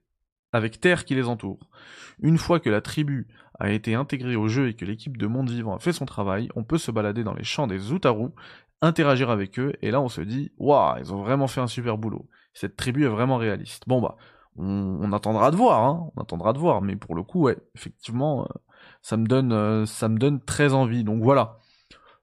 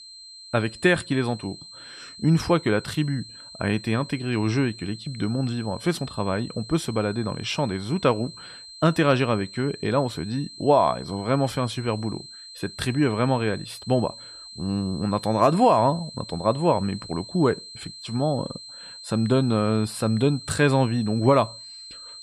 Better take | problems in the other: first | high-pitched whine; noticeable; throughout; 4 kHz, 15 dB below the speech

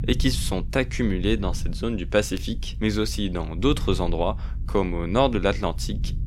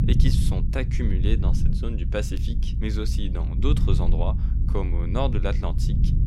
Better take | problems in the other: first | low rumble; loud; throughout; 6 dB below the speech; faint in the first

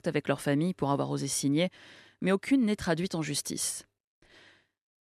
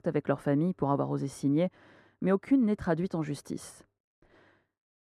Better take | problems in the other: first | muffled; very; fading above 1.5 kHz

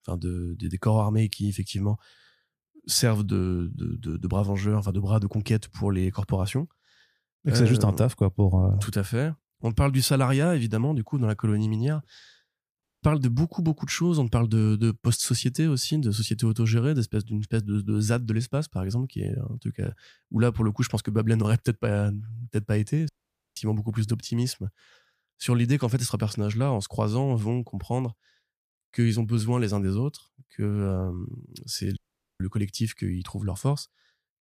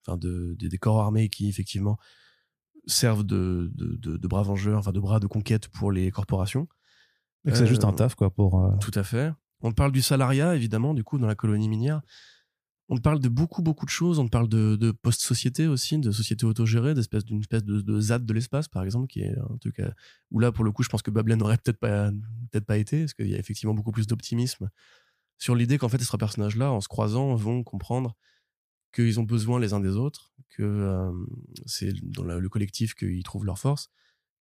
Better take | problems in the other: second | audio cutting out; at 13 s, at 23 s and at 32 s

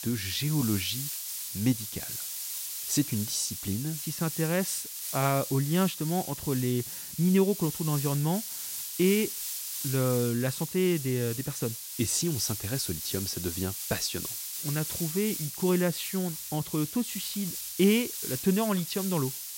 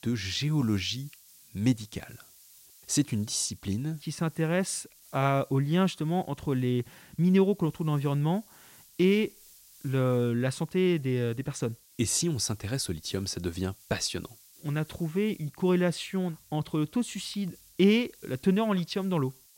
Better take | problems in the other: second | hiss; loud; throughout; 5 dB below the speech; faint in the second

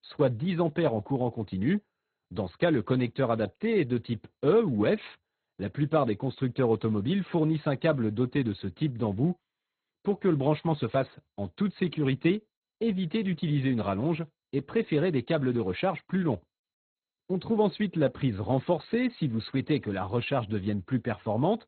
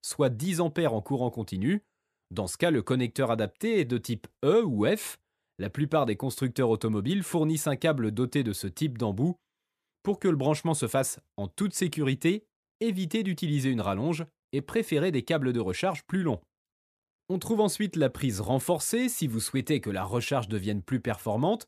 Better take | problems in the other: second | garbled, watery; badly; nothing above 4 kHz

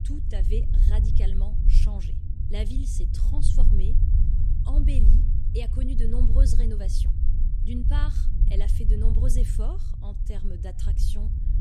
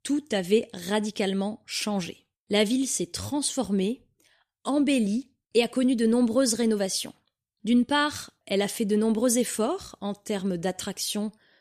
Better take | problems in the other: second | low rumble; loud; throughout; 3 dB below the speech

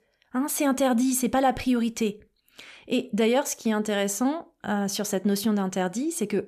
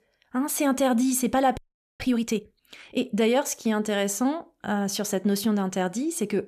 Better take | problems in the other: first | audio freezing; at 1.5 s

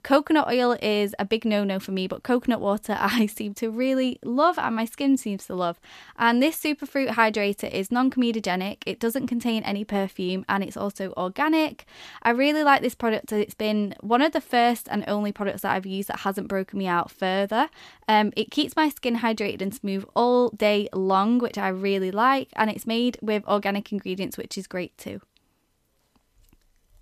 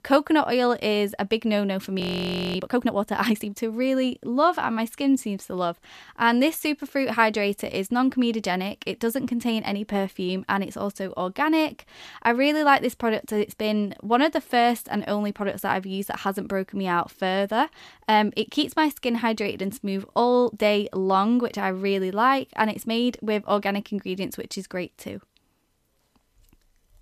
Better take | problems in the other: first | audio freezing; at 2 s for 0.5 s

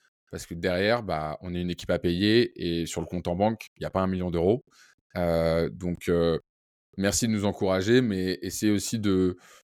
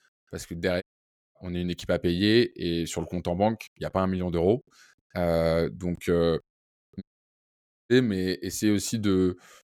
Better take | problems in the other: first | audio cutting out; at 1 s for 0.5 s and at 7 s for 1 s

